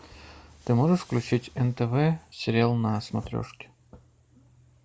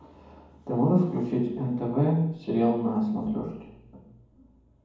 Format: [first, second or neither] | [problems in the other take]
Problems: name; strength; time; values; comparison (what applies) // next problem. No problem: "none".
first | room echo; dies away in 1.2 s